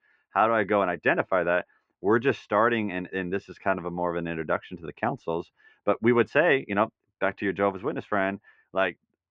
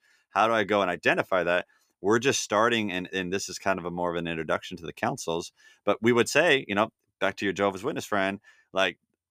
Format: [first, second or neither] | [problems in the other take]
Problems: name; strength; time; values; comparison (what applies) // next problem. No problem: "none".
second | muffled; very; fading above 2 kHz